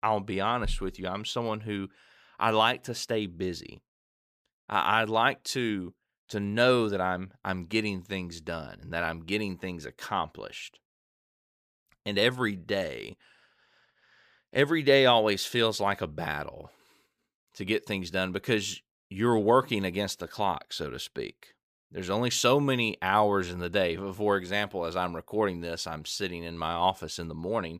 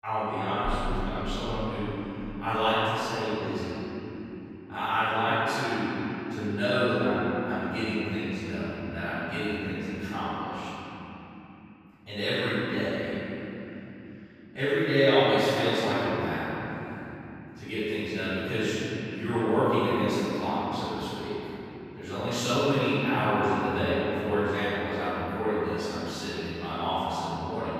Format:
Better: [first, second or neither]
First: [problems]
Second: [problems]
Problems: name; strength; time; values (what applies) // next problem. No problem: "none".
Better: first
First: none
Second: off-mic speech; far // room echo; strong; dies away in 3 s